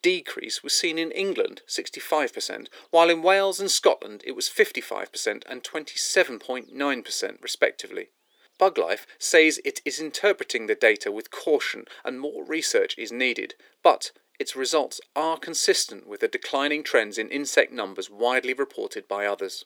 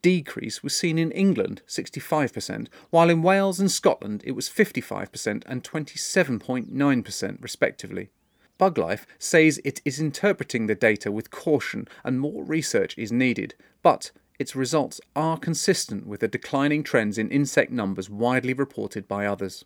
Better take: second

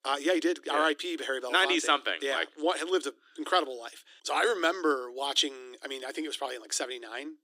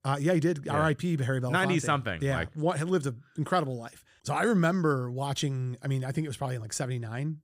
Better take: second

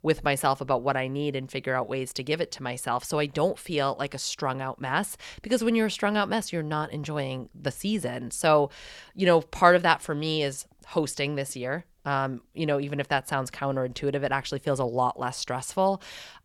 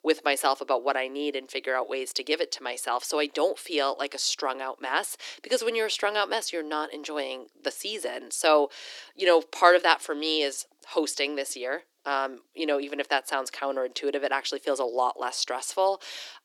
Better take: first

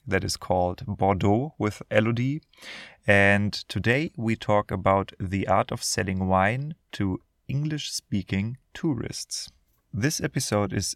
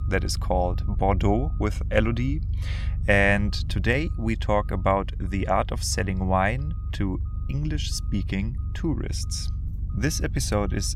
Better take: first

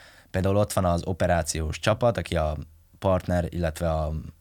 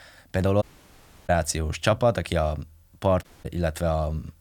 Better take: first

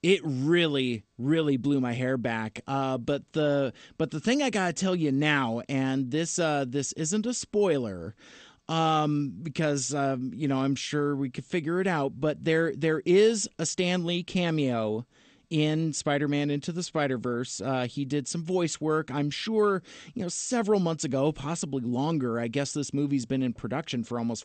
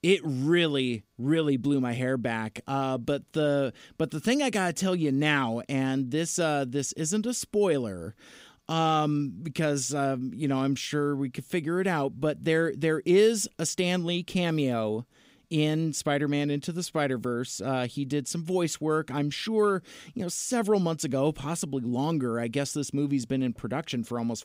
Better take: second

